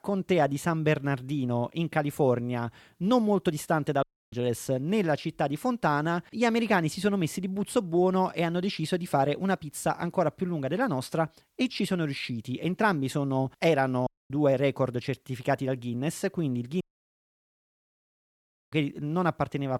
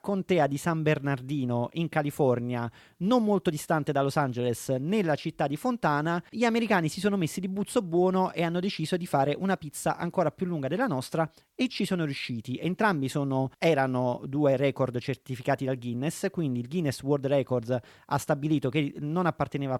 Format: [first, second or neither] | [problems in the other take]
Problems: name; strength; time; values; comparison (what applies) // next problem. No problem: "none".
second | audio cutting out; at 4 s, at 14 s and at 17 s for 2 s